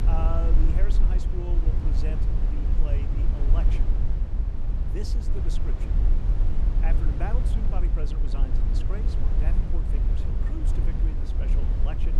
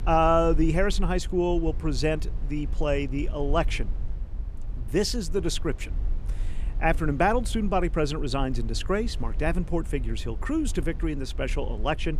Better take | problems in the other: second | low rumble; loud; throughout; 1 dB below the speech; faint in the second

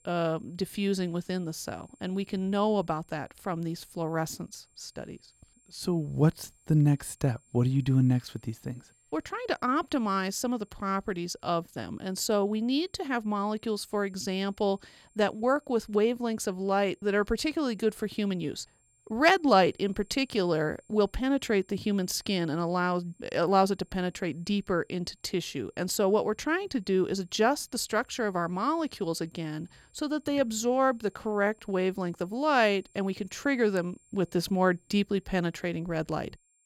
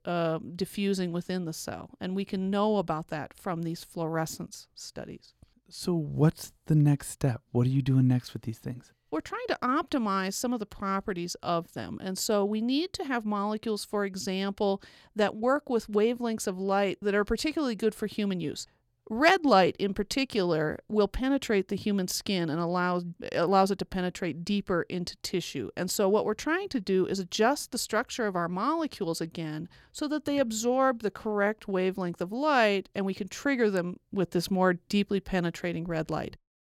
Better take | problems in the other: second | high-pitched whine; faint; throughout; 7.5 kHz, 35 dB below the speech

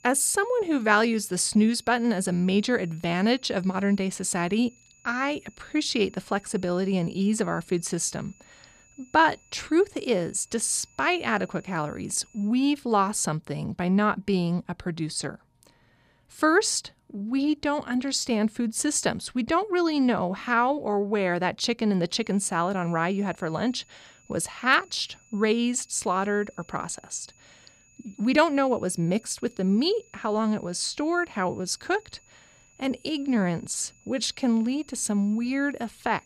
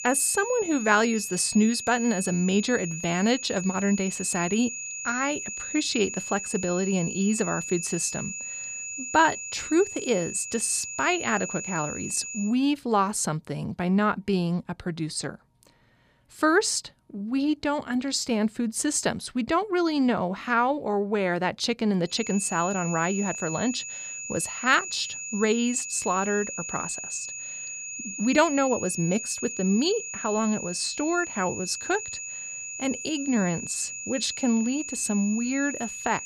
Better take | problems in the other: first | high-pitched whine; loud; until 12 s and from 22 s on; 7 kHz, 7 dB below the speech; faint in the first

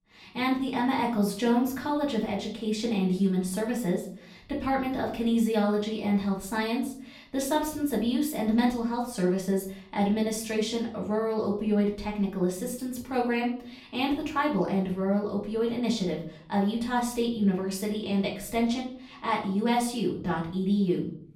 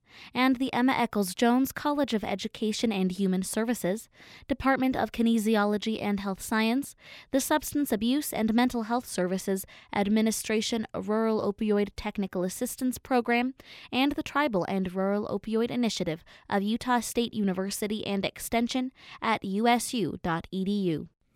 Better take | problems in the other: second | off-mic speech; far // room echo; slight; dies away in 0.5 s

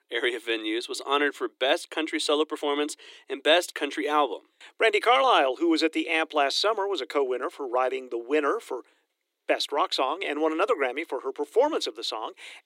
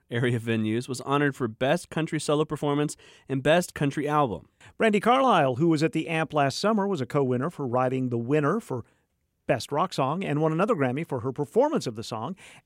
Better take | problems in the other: second | thin; somewhat; fading below 300 Hz

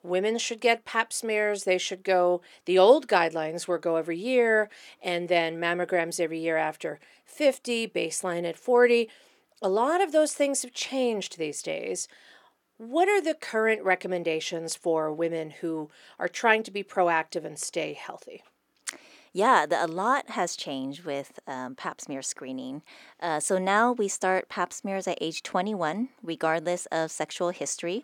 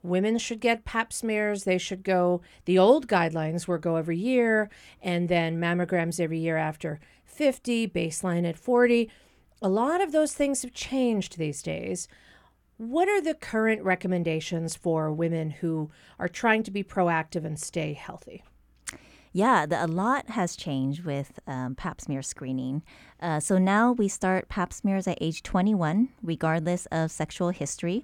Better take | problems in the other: second | thin; somewhat; fading below 400 Hz

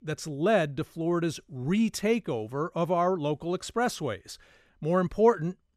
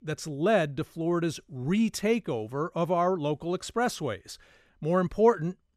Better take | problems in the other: neither | none

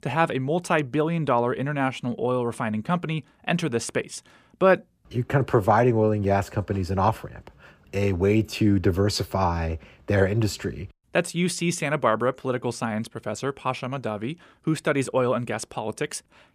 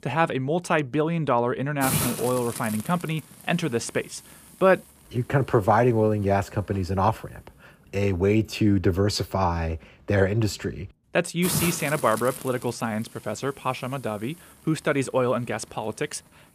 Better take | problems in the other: first | hiss; loud; throughout; 7 dB below the speech

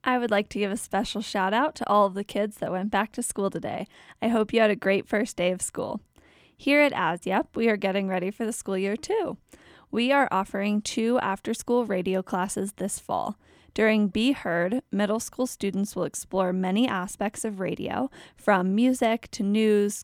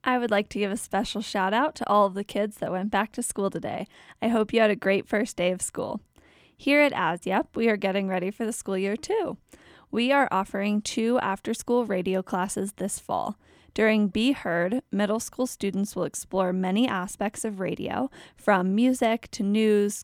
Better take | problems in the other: neither | none

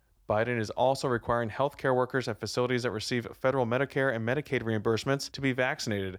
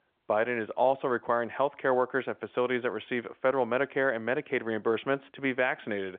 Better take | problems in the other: first | phone-call audio; nothing above 3.5 kHz

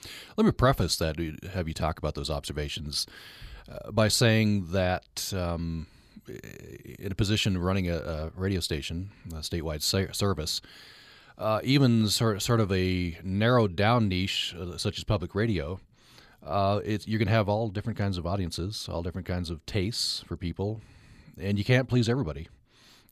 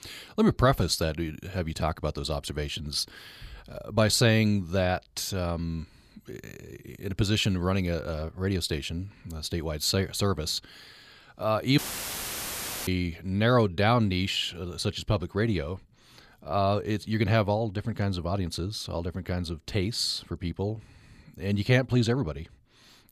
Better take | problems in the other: first | audio cutting out; filled with static; at 12 s for 1 s

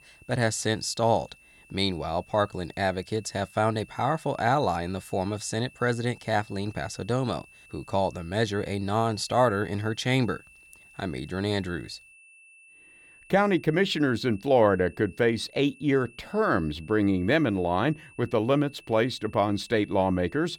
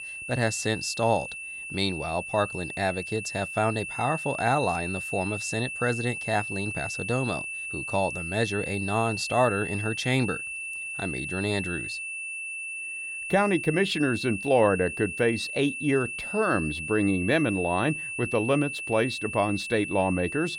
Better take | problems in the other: first | high-pitched whine; loud; throughout; 2.5 kHz, 5 dB below the speech; faint in the first

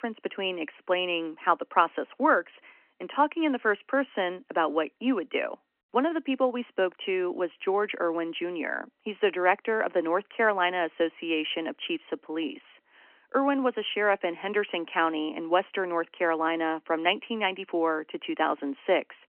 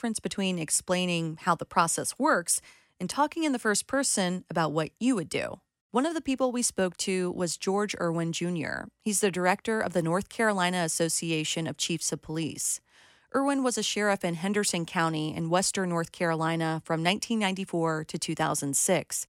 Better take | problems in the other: second | phone-call audio; nothing above 3 kHz

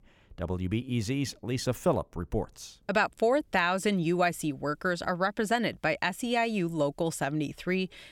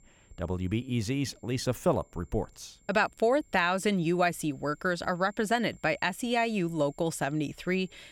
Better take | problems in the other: first | high-pitched whine; faint; throughout; 7.5 kHz, 35 dB below the speech

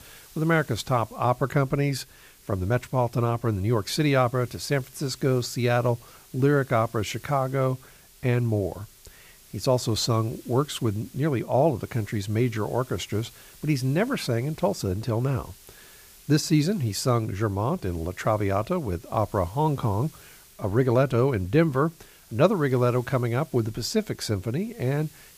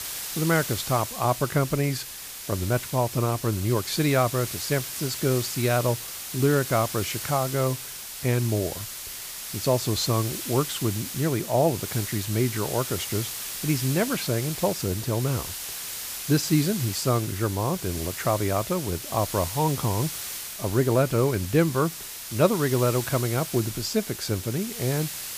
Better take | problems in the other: first | hiss; loud; throughout; 7 dB below the speech; faint in the first

